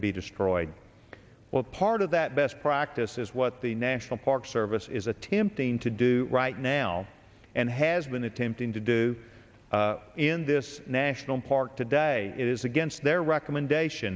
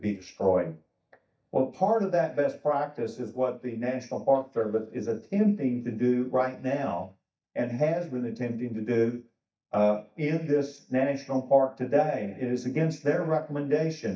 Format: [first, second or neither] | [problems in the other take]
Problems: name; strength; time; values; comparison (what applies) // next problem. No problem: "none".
first | noise reduction (neural mask model DeepFilterNet 3)